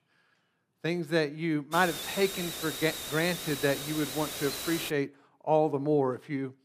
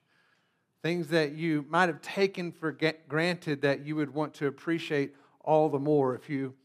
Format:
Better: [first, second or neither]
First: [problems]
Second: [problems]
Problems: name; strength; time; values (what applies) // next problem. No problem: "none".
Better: second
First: hiss; very faint; from 1.5 to 5 s; 6 dB below the speech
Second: none